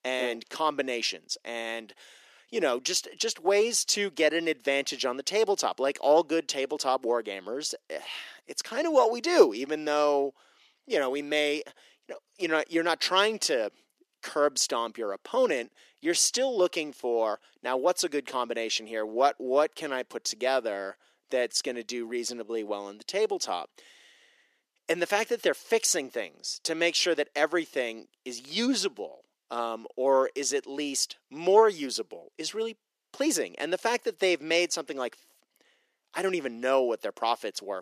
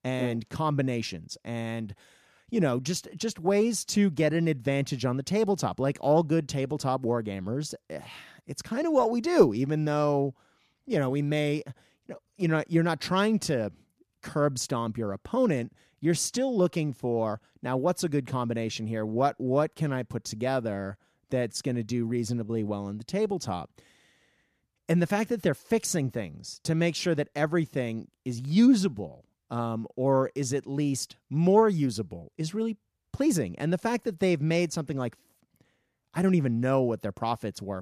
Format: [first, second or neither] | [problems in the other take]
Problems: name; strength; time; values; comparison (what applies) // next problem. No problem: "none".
second | thin; somewhat; fading below 350 Hz